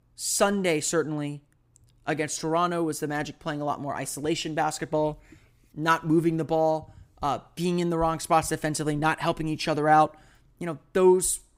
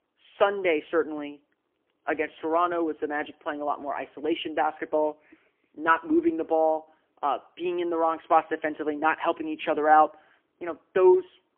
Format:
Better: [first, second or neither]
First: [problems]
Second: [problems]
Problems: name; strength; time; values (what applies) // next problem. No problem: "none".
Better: first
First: none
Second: phone-call audio; poor line; nothing above 3 kHz